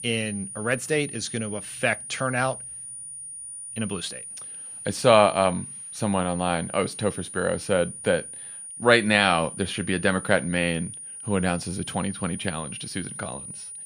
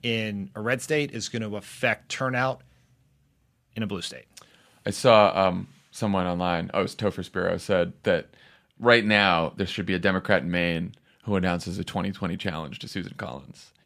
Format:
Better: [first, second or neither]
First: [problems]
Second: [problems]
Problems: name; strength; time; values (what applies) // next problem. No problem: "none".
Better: second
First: high-pitched whine; noticeable; throughout; 9.5 kHz, 10 dB below the speech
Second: none